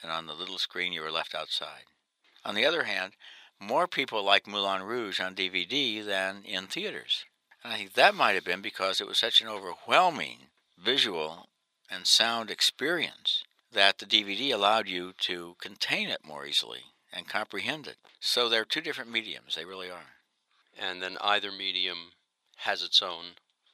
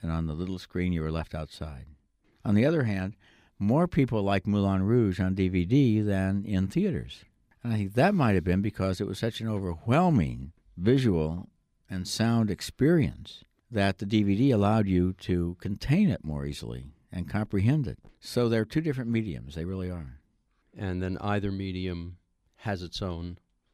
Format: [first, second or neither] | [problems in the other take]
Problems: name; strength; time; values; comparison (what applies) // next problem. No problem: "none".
second | thin; very; fading below 800 Hz